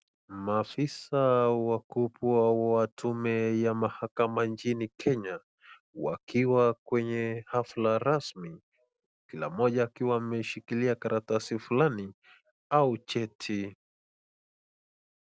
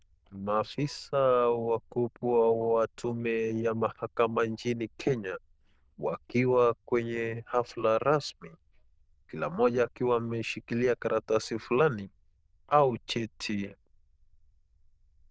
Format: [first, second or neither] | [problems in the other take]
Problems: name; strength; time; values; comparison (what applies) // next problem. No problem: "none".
first | noise reduction (neural diffusion model UNIVERSE++)